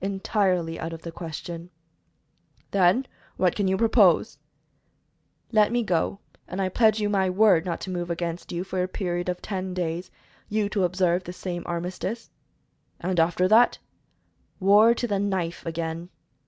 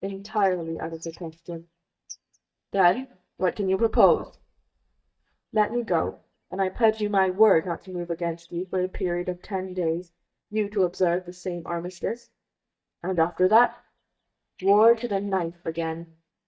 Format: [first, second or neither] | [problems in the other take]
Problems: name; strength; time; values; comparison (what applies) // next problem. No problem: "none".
first | noise reduction (neural mask model DeepFilterNet 3)